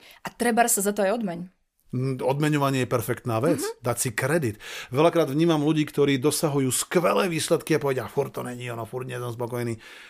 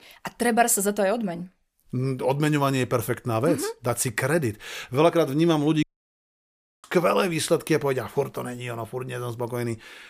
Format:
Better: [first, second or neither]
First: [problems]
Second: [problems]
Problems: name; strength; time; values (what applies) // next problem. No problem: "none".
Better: first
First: none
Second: audio cutting out; at 6 s for 1 s